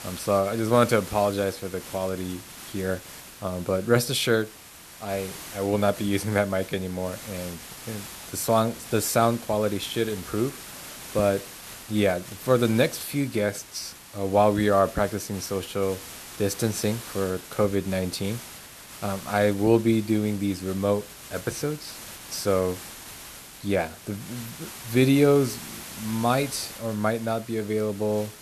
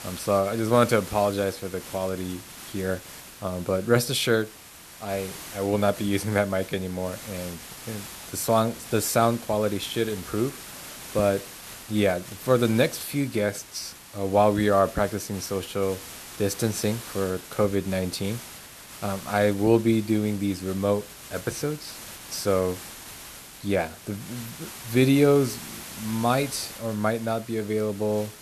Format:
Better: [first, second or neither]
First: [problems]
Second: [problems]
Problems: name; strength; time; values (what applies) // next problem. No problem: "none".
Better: neither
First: hiss; noticeable; throughout; 15 dB below the speech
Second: hiss; noticeable; throughout; 15 dB below the speech